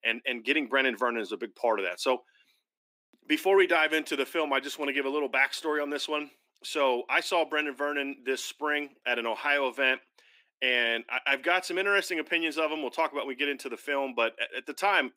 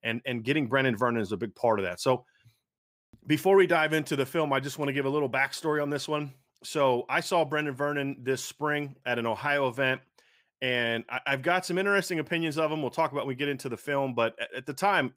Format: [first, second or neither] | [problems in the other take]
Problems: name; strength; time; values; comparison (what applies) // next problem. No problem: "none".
second | thin; very slightly; fading below 250 Hz